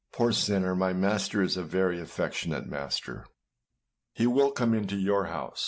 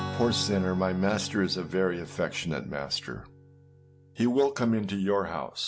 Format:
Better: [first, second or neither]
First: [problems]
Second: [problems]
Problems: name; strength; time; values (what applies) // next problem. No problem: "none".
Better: first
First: none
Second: background sound (Strum); 13 dB below the speech